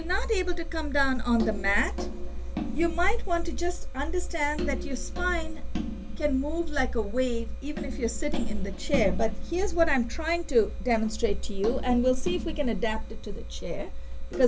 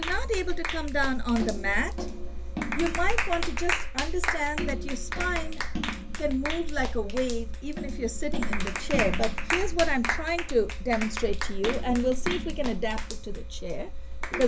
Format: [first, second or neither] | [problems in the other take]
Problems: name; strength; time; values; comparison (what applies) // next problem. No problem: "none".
first | background sound (Clapping); 9 dB below the speech